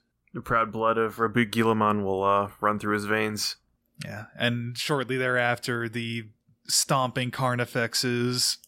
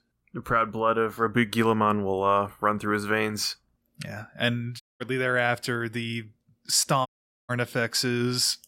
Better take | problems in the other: first | audio cutting out; at 5 s and at 7 s

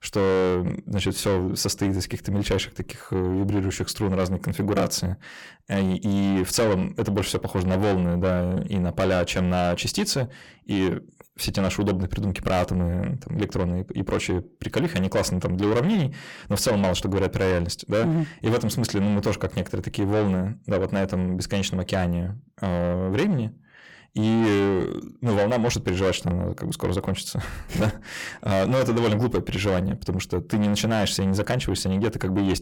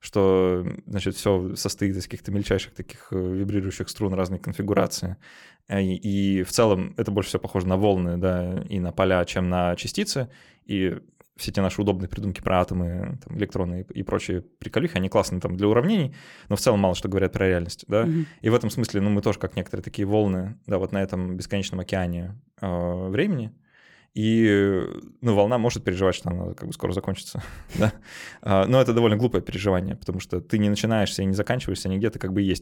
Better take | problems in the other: second | distortion; heavy; 8 dB below the speech

